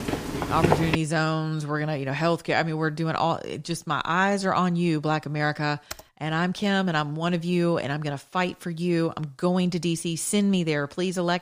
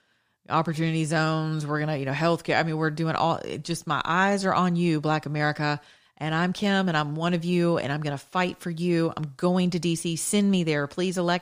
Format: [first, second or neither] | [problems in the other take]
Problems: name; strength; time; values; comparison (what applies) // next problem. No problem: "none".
second | footsteps; loud; at the start; peak 3 dB above the speech // keyboard typing; faint; at 6 s; peak 15 dB below the speech